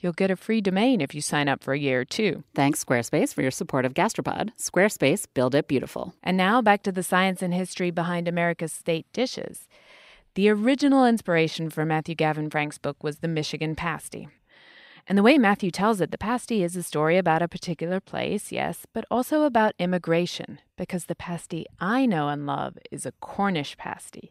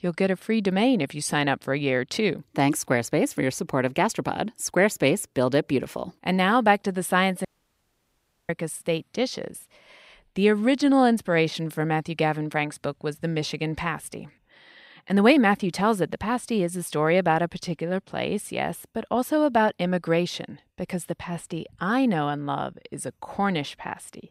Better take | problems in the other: first | audio cutting out; at 7.5 s for 1 s

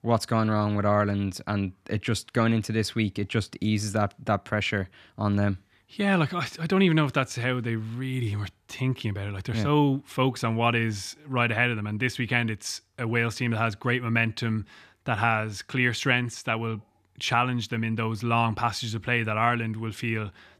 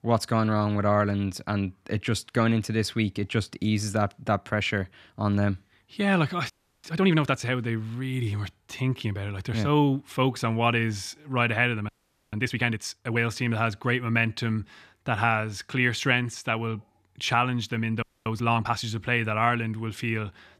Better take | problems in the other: first | audio freezing; at 6.5 s, at 12 s and at 18 s

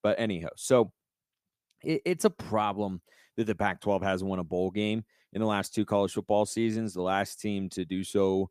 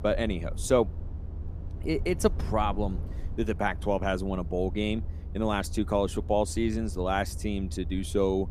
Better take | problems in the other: first | low rumble; faint; throughout; 20 dB below the speech

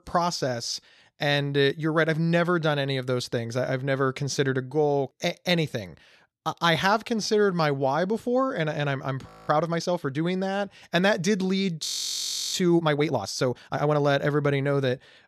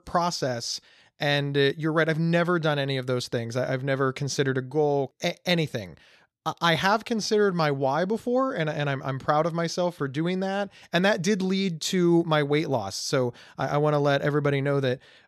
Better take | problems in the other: second | audio freezing; at 9.5 s and at 12 s for 0.5 s

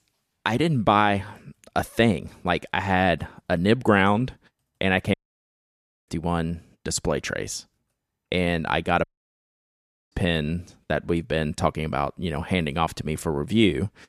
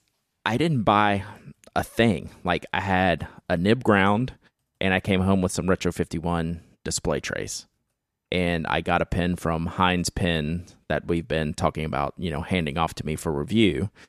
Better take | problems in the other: second | audio cutting out; at 5 s for 1 s and at 9 s for 1 s

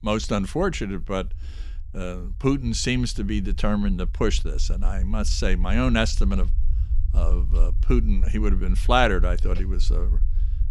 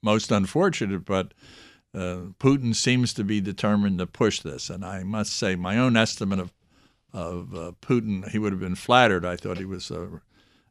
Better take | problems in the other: second | low rumble; faint; throughout; 20 dB below the speech

